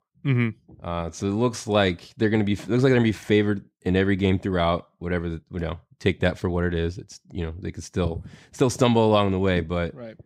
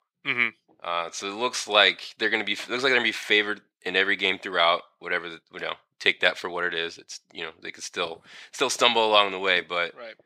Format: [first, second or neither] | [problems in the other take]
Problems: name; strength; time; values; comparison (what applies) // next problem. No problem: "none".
first | thin; very; fading below 600 Hz